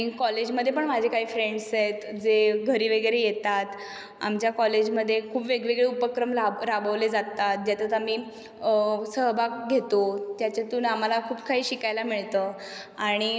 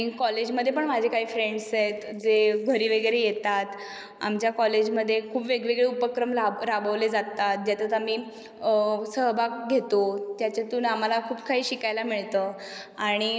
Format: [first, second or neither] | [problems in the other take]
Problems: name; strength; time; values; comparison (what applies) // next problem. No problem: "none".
first | noise reduction (neural mask model Resemble Enhance denoiser)